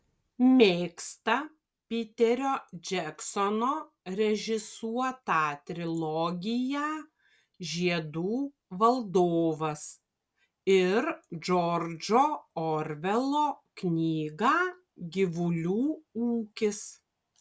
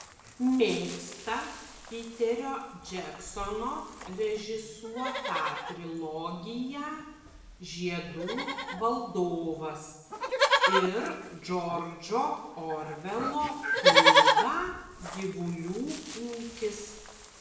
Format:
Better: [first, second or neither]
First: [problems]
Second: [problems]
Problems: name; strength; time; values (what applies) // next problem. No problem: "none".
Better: first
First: none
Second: background sound (Livestock, farm animals, working animals); 2 dB above the speech // room echo; dies away in 0.9 s